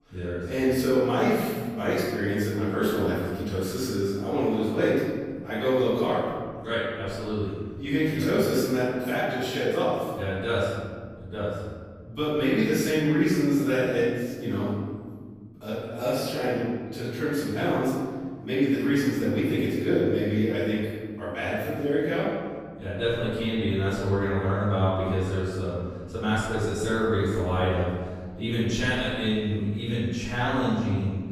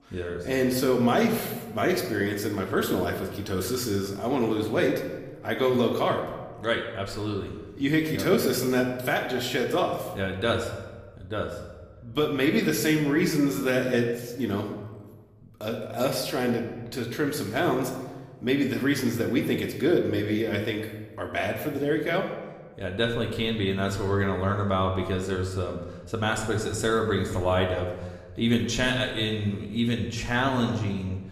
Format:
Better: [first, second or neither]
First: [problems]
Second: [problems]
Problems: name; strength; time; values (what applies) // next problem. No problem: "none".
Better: second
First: room echo; strong; dies away in 1.8 s // off-mic speech; far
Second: room echo; slight; dies away in 1 s